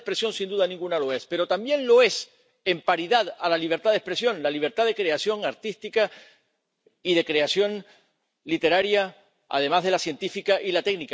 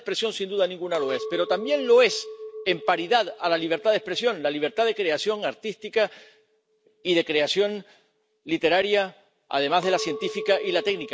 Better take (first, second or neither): first